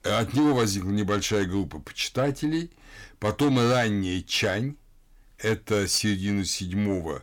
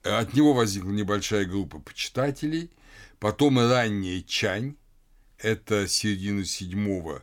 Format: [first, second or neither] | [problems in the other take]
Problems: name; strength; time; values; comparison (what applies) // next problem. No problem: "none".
second | distortion; slight; 10 dB below the speech